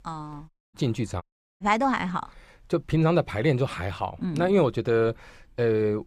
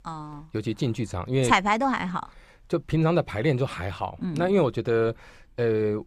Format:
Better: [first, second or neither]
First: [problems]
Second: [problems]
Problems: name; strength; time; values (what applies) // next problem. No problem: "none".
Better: second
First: audio cutting out; at 0.5 s and at 1 s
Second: none